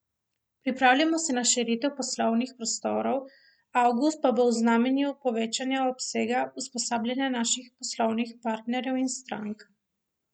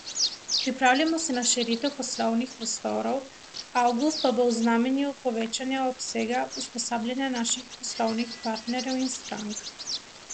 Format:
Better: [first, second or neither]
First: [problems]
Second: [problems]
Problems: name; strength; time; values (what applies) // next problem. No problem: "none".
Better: first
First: none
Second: background sound (Bird vocalization, bird call, bird song); 10 dB below the speech